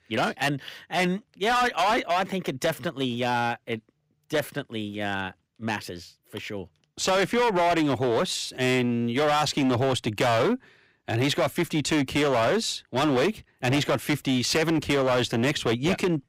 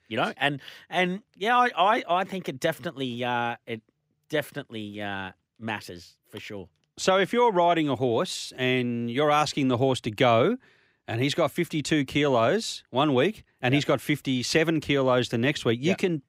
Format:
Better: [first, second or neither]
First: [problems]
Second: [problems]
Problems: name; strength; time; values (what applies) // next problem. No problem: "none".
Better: second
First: distortion; heavy; 14% of the sound clipped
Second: none